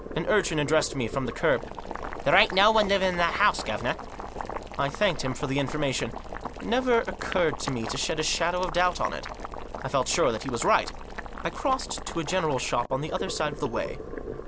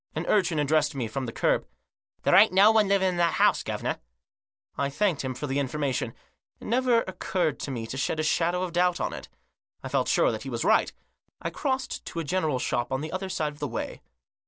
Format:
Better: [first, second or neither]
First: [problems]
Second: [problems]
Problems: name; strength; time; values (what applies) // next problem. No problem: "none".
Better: second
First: background sound (Boiling); 9 dB below the speech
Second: none